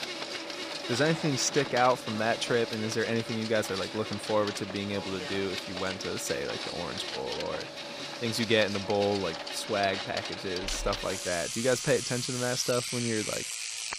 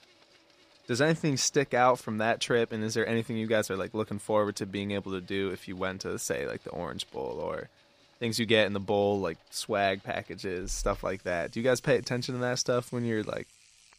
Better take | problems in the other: second | household noises; loud; throughout; 5 dB below the speech; faint in the second

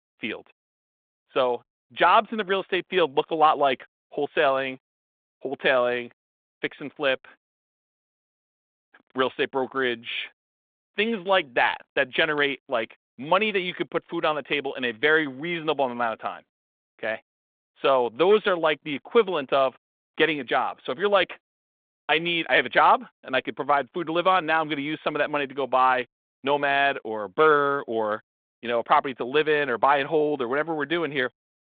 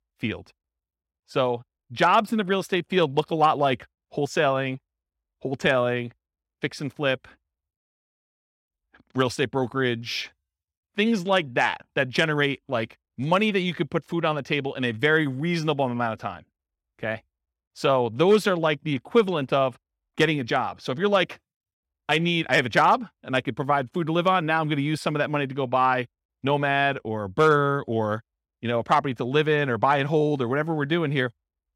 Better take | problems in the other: second | phone-call audio

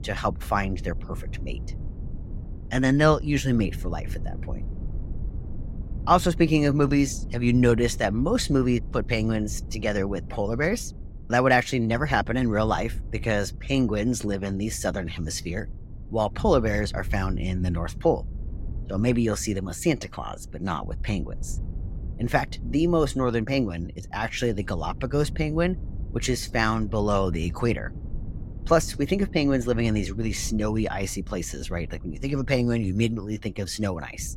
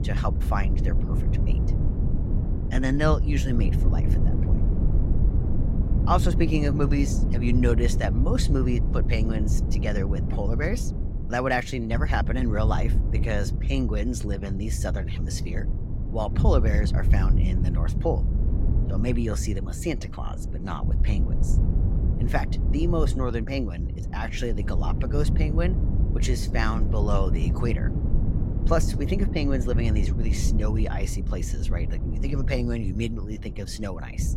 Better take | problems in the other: first | low rumble; loud; throughout; 8 dB below the speech; faint in the first

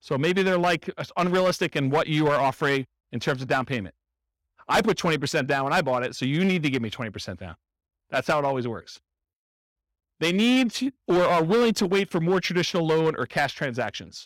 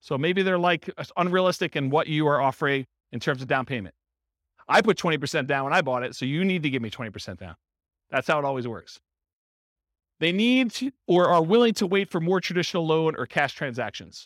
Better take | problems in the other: second | distortion; slight; 6% of the sound clipped

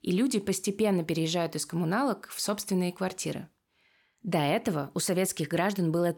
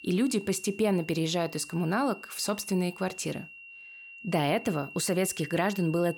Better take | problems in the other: first | high-pitched whine; noticeable; throughout; 2.5 kHz, 15 dB below the speech

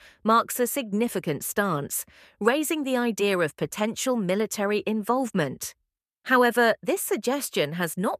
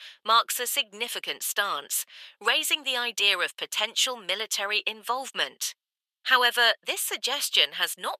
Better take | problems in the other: first | thin; very; fading below 850 Hz

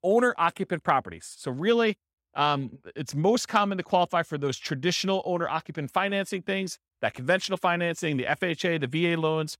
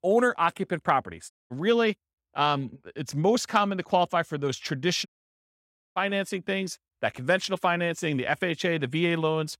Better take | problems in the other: first | audio cutting out; at 1.5 s and at 5 s for 1 s

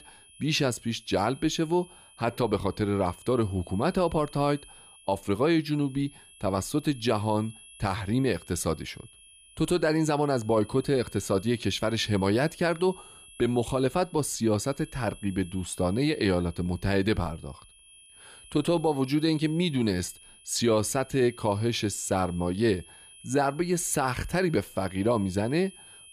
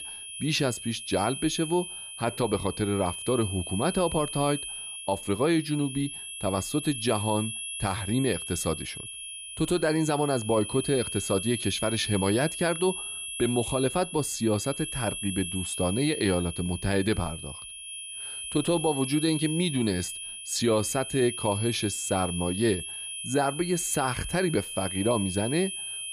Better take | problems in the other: first | high-pitched whine; loud; throughout; 10.5 kHz, 6 dB below the speech; faint in the first

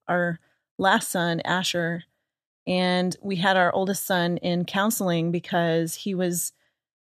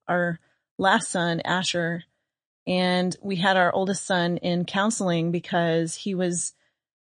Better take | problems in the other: first | garbled, watery; slightly; nothing above 9.5 kHz

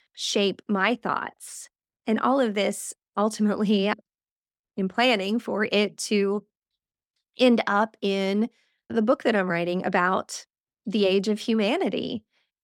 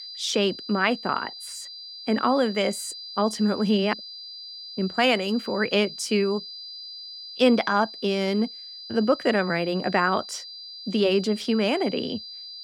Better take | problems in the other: first | high-pitched whine; noticeable; throughout; 5 kHz, 10 dB below the speech

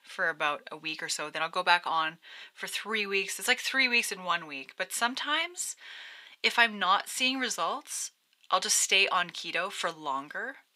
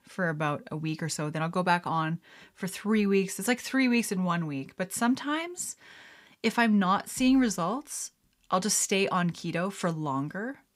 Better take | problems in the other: second | thin; very; fading below 550 Hz

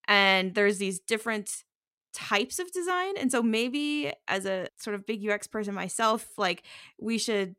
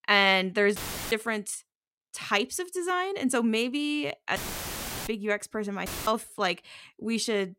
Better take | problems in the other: first | audio cutting out; filled with static; at 1 s, at 4.5 s for 0.5 s and at 6 s

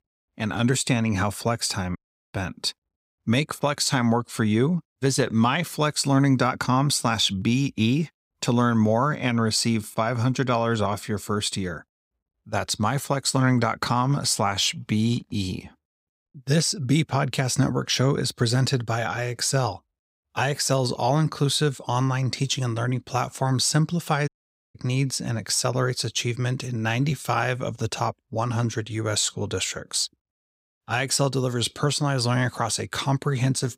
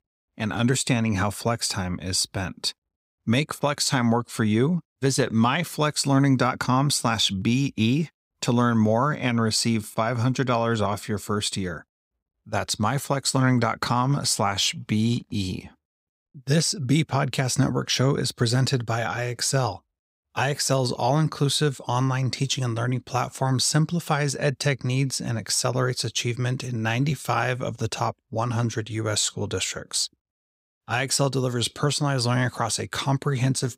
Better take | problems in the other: second | audio cutting out; at 2 s and at 24 s

